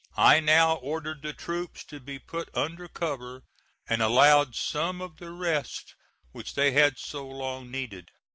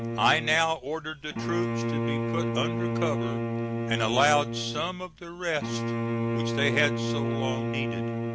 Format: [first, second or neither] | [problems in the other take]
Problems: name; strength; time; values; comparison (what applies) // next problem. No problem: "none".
first | background sound (Bowed string instrument); as loud as the speech